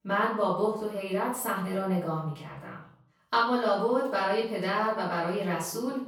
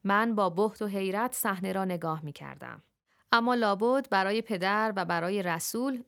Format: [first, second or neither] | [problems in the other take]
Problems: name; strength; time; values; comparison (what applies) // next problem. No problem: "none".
second | off-mic speech; far // room echo; noticeable; dies away in 0.5 s